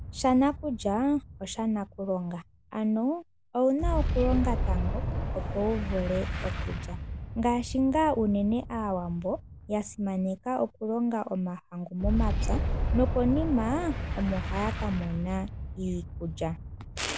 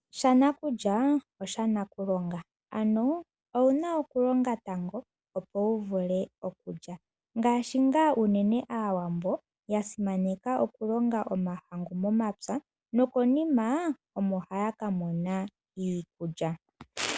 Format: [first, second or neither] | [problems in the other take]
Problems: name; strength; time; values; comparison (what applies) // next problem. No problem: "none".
second | background sound (Boom); 3 dB below the speech